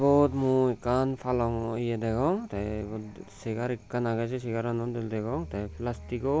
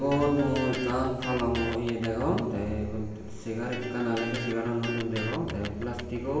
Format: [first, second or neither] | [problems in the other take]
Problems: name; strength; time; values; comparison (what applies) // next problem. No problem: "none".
first | background sound (Electric guitar); 11 dB below the speech // room echo; dies away in 1.3 s